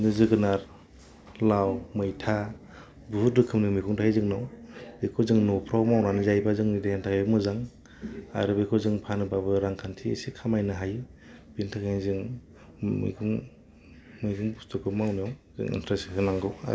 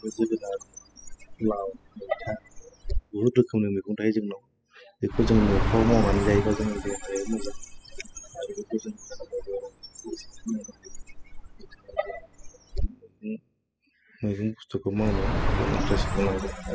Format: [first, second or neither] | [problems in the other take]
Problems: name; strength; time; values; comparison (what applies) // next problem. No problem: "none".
first | noise reduction (classical method spectral subtraction)